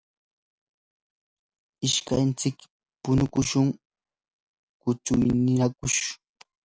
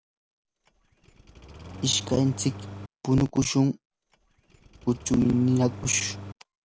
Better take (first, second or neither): first